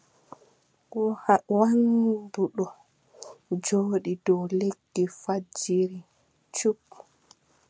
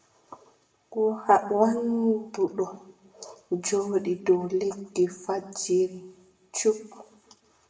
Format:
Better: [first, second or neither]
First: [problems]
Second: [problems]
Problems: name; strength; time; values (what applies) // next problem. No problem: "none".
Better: first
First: none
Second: room echo; dies away in 0.7 s